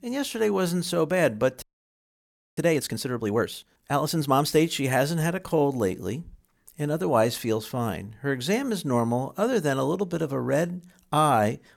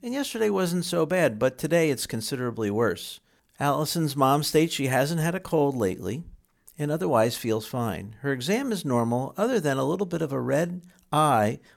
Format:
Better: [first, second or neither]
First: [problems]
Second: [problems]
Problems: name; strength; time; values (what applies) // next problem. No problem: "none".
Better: second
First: audio freezing; at 1.5 s for 1 s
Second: none